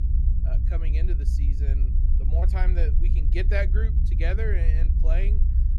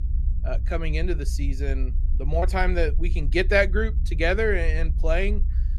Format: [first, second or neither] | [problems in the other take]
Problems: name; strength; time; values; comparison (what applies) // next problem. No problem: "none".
second | low rumble; loud; throughout; 7 dB below the speech; faint in the second